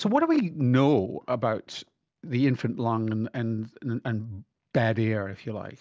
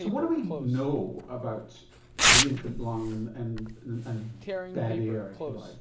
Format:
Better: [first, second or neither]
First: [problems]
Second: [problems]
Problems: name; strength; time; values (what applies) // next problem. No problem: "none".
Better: first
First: none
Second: background sound (Tearing); 1 dB above the speech // room echo; dies away in 0.7 s